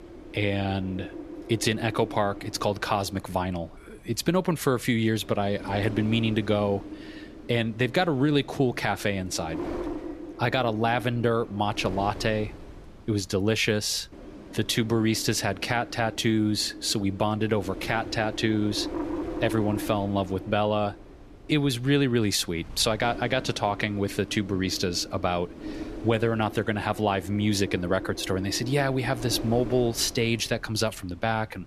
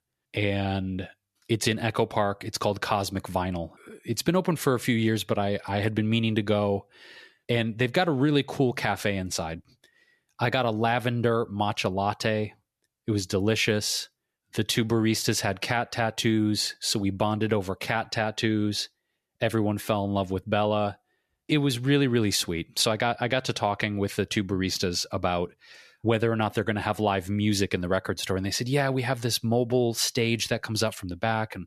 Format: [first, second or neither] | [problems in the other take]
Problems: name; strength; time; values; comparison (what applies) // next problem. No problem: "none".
second | wind noise on the microphone; occasional gusts; 15 dB below the speech